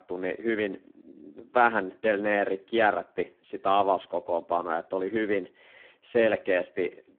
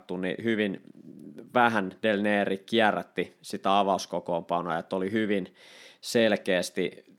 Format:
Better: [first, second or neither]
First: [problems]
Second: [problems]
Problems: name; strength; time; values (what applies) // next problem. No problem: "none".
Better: second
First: phone-call audio; poor line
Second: none